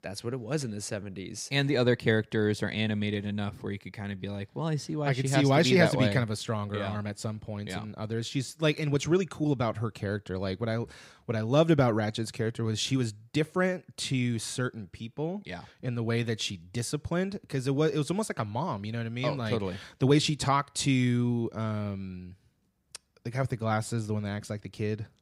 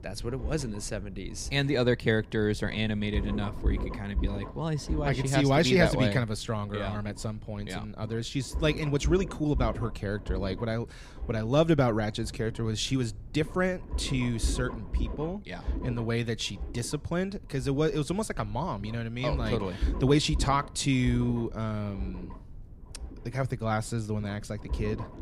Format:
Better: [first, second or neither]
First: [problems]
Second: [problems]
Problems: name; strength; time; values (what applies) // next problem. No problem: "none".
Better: first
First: none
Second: low rumble; noticeable; throughout; 15 dB below the speech